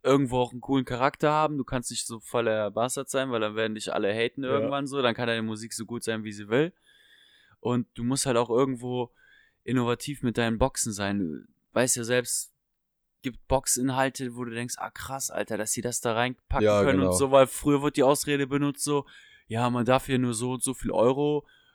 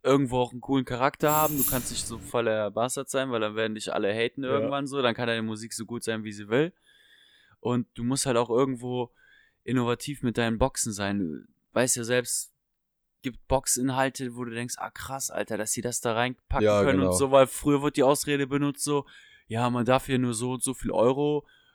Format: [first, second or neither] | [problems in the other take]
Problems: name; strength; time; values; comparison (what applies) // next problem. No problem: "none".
first | jangling keys; loud; from 1 to 2.5 s; peak 2 dB above the speech